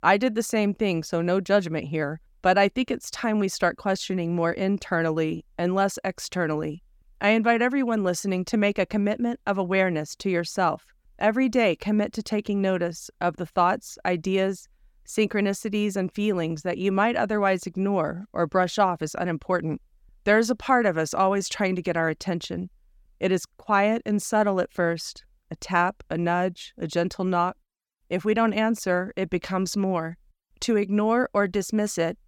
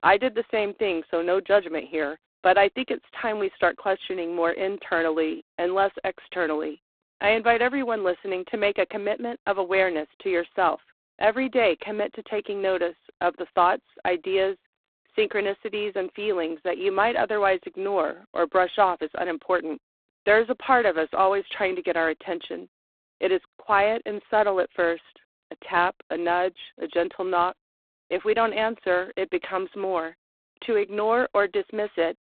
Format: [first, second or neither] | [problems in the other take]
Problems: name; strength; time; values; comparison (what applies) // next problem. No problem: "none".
first | phone-call audio; poor line; nothing above 4 kHz